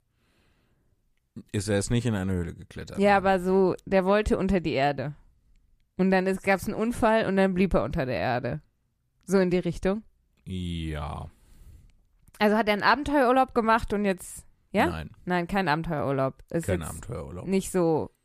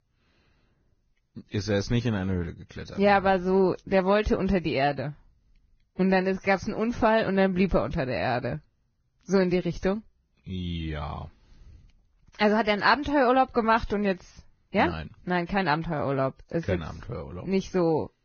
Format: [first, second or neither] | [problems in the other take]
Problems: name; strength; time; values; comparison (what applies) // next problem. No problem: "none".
first | garbled, watery; badly; nothing above 6.5 kHz